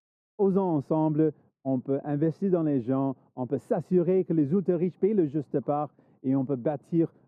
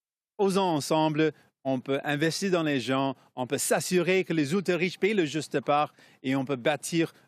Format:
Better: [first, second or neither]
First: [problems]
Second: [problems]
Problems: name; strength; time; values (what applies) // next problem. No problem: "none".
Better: second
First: muffled; very; fading above 1 kHz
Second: none